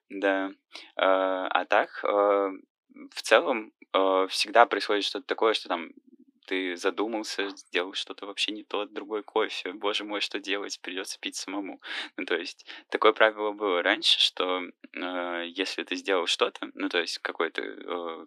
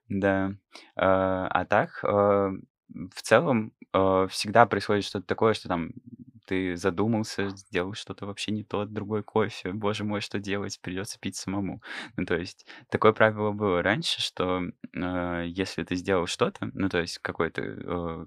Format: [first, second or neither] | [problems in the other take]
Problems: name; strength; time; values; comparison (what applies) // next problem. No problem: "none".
second | thin; somewhat; fading below 300 Hz